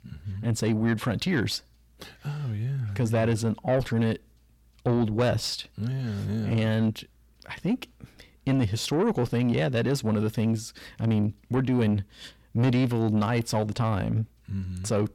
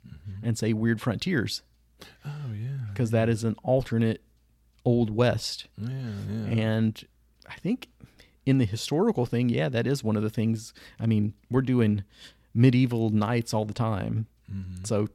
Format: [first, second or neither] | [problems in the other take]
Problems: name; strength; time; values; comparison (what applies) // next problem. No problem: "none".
second | distortion; slight; 10 dB below the speech